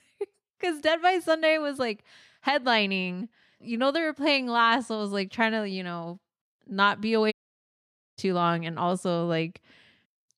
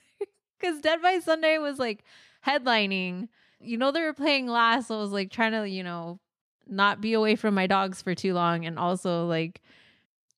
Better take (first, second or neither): second